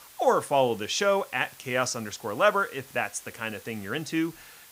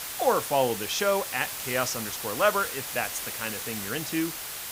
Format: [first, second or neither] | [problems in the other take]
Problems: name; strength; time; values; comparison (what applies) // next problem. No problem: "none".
first | hiss; loud; throughout; 4 dB below the speech; faint in the first